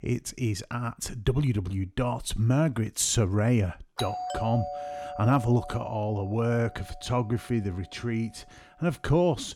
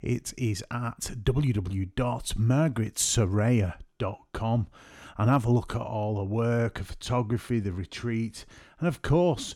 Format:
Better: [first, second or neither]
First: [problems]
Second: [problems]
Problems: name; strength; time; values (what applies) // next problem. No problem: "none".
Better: second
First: doorbell; noticeable; from 4 to 6.5 s; peak 5 dB below the speech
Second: none